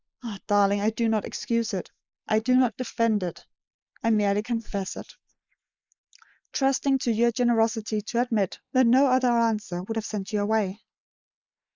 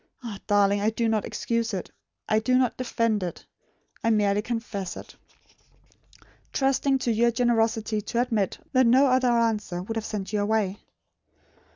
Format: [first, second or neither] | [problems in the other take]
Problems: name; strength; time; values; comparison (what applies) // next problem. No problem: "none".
second | noise reduction (neural mask model Resemble Enhance denoiser)